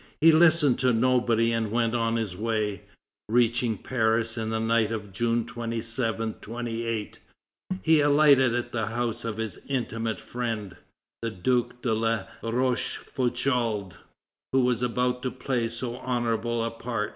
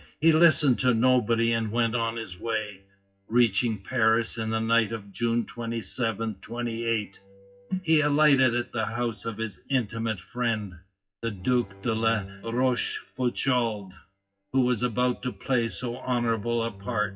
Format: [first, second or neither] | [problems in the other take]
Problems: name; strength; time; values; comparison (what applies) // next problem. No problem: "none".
first | noise reduction (classical method WPE with log-MMSE)